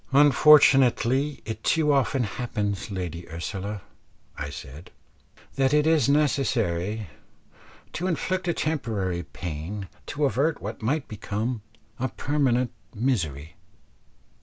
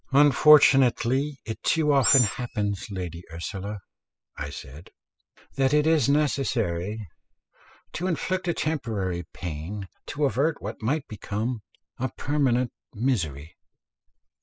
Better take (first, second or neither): first